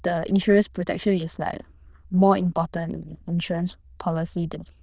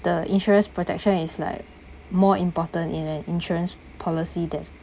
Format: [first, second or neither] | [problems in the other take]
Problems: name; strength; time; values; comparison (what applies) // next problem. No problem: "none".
second | noise reduction (neural diffusion model UNIVERSE++)